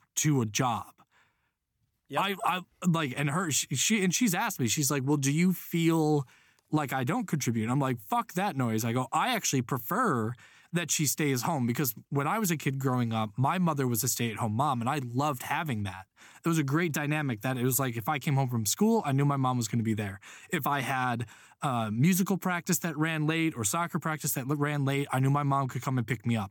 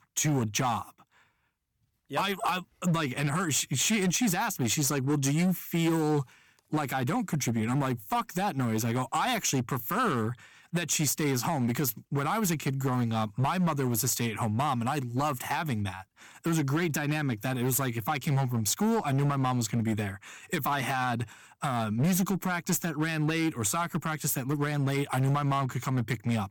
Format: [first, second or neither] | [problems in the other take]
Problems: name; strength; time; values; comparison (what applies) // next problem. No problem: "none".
first | distortion; slight; 9% of the sound clipped